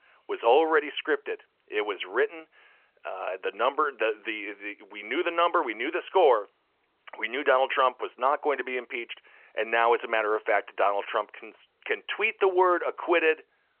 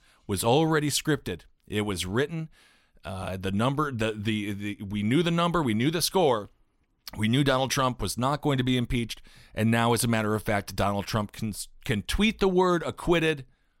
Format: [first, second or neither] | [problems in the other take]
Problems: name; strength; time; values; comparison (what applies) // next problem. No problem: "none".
second | phone-call audio; nothing above 3 kHz